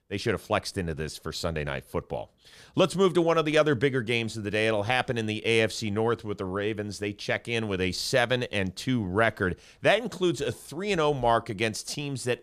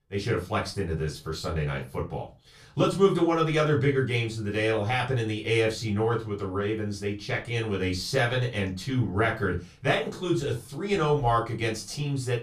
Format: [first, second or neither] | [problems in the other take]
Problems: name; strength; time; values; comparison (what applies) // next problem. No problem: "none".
first | off-mic speech; far // room echo; very slight; dies away in 0.2 s